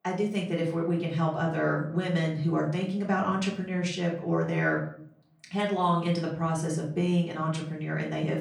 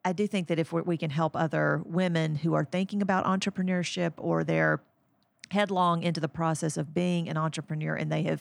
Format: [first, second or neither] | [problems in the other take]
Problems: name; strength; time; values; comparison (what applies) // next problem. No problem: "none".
second | off-mic speech; far // room echo; slight; dies away in 0.5 s